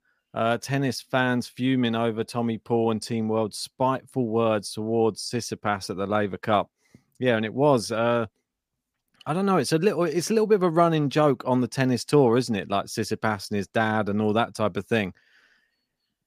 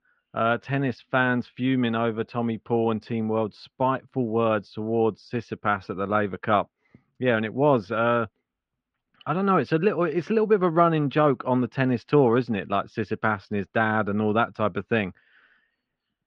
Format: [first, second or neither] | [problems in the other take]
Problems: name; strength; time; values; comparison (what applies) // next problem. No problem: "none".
first | muffled; very; fading above 3 kHz